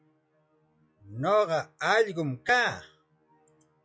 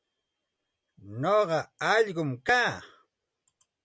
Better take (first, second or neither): second